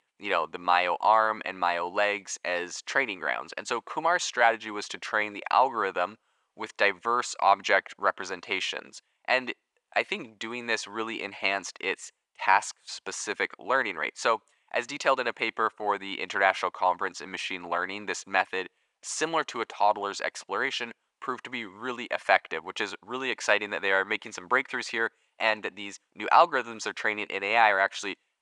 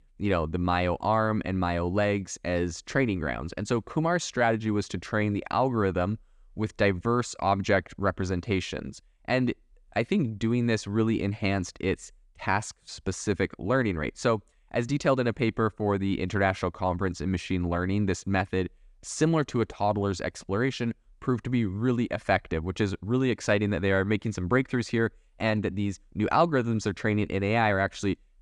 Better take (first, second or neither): second